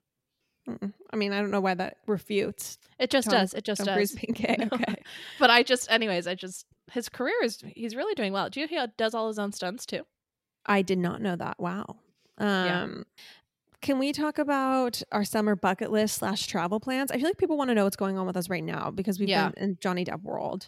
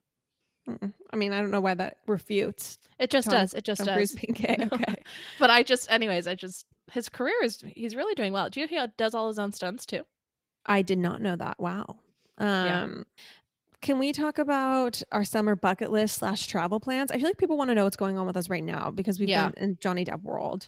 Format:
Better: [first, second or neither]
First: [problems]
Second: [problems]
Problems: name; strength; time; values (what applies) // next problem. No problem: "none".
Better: first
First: none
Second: garbled, watery; slightly; nothing above 16 kHz